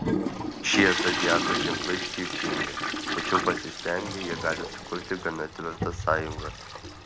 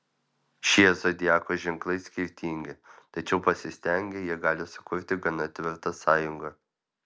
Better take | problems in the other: second | background sound (Toilet flush); as loud as the speech

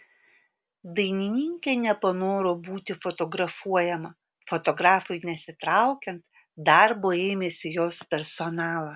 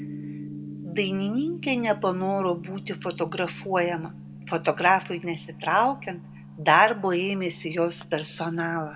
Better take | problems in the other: first | background sound (Gong); 14 dB below the speech // room echo; dies away in 0.3 s

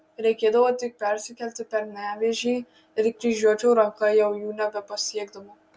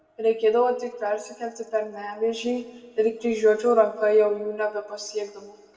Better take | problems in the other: first | room echo; dies away in 1.4 s

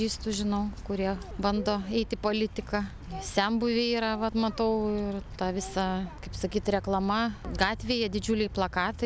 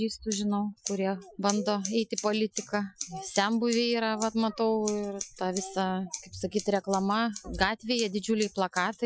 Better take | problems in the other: first | noise reduction (classical method Wiener filter)

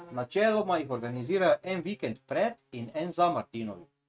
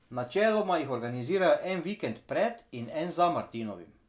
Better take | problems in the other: second | noise reduction (neural mask model RNNoise)

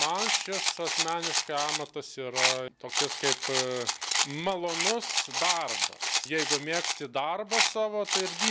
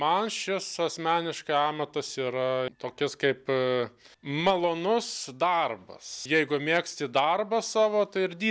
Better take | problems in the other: second | background sound (Rattle); 2 dB above the speech

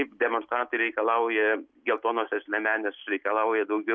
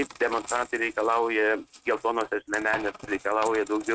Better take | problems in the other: first | noise reduction (neural mask model RNNoise)

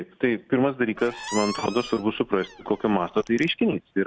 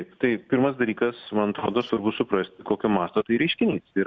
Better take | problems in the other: second | background sound (Squeak); 14 dB below the speech

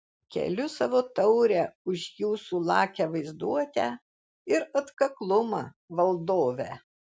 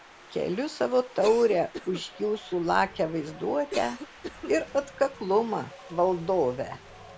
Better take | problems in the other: first | background sound (Cough + Wind); 16 dB below the speech

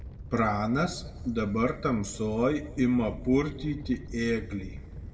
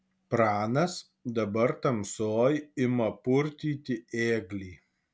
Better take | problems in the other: second | background sound (Animal); 12 dB below the speech // room echo; dies away in 1.2 s

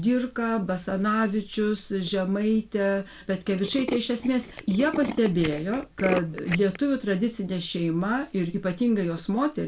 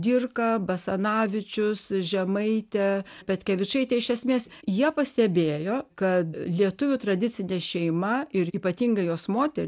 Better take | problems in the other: second | background sound (Tools); 13 dB below the speech // room echo; dies away in 0.2 s

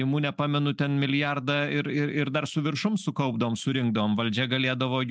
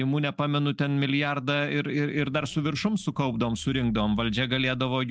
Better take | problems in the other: first | background sound (Zipper (clothing)); 19 dB below the speech

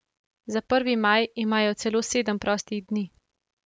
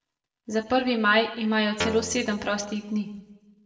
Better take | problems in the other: first | background sound (Guitar); 8 dB below the speech // room echo; dies away in 0.7 s

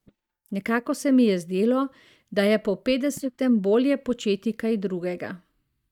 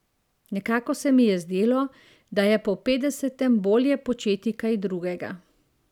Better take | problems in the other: second | noise reduction (neural mask model DeepFilterNet 3)

